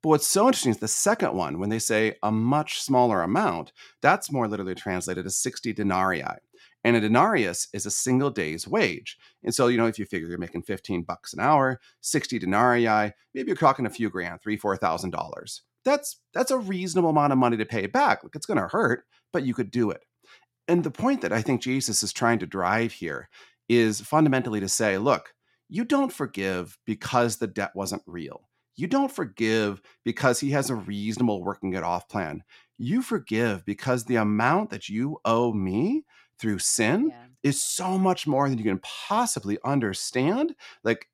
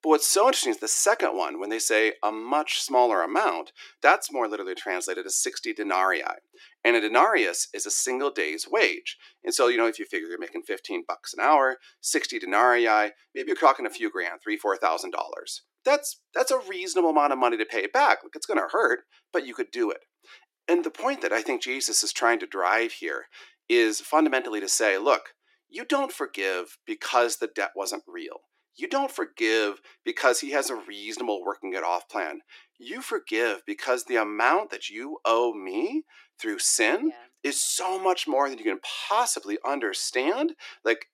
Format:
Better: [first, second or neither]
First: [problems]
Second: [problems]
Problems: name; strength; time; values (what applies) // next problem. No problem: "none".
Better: first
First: none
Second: thin; very; fading below 300 Hz